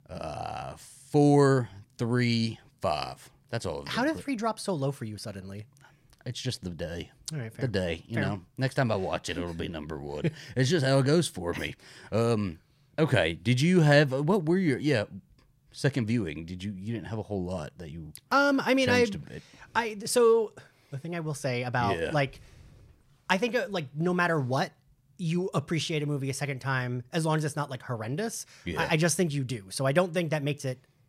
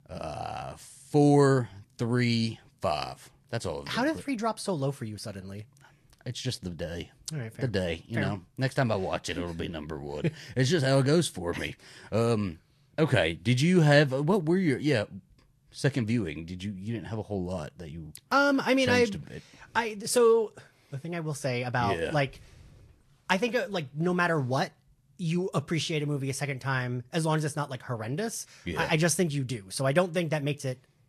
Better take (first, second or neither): first